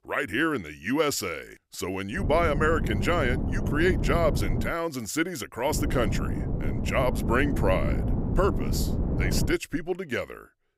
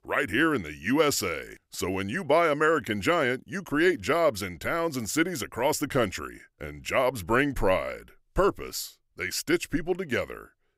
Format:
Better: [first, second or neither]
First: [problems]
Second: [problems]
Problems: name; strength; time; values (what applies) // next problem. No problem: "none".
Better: second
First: wind noise on the microphone; heavy; from 2 to 4.5 s and from 5.5 to 9.5 s; 9 dB below the speech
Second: none